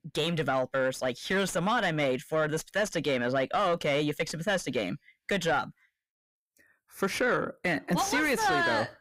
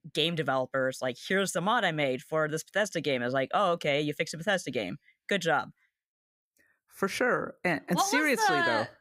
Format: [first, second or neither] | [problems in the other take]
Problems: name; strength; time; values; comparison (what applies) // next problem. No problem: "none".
second | distortion; slight; 10 dB below the speech